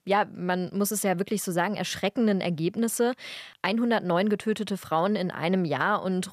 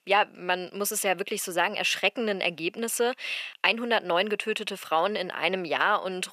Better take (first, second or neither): first